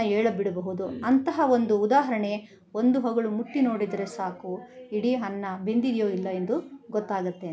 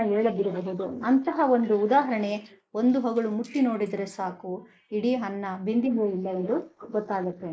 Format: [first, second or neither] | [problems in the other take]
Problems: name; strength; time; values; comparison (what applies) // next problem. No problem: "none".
first | noise reduction (neural mask model Resemble Enhance denoiser)